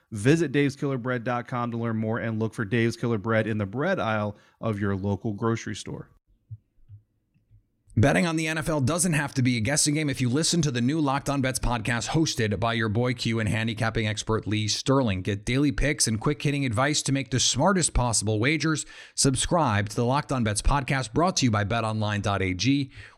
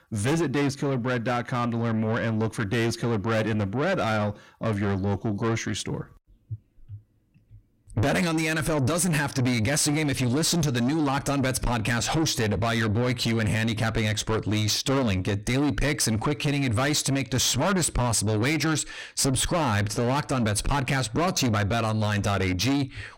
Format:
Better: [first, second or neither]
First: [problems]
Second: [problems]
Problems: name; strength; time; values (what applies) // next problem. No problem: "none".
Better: first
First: none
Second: distortion; heavy; 8 dB below the speech